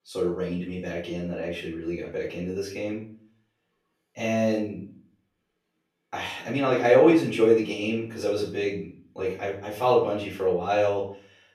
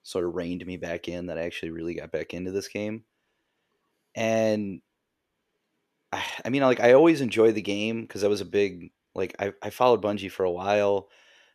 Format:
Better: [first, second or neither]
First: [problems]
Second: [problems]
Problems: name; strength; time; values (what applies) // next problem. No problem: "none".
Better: second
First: off-mic speech; far // room echo; noticeable; dies away in 0.4 s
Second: none